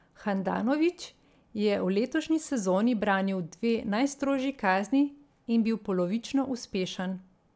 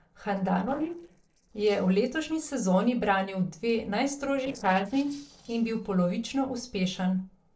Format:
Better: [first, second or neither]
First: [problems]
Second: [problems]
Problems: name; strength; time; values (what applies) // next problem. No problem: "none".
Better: first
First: none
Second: noise reduction (neural separator model SepFormer DNS4)